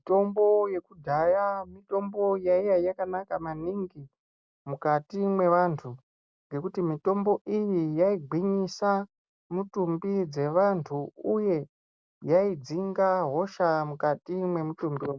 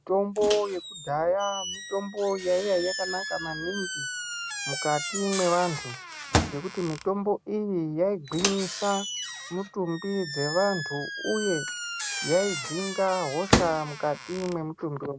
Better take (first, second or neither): first